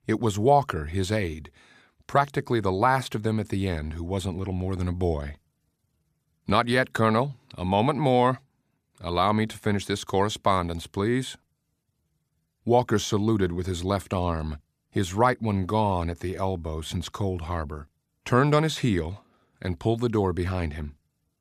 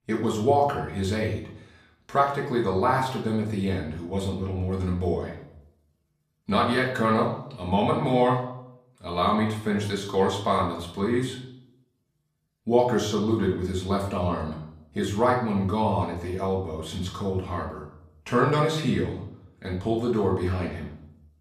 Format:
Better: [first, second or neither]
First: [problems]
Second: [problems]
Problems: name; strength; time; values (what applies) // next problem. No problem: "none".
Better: first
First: none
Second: off-mic speech; far // room echo; slight; dies away in 0.6 s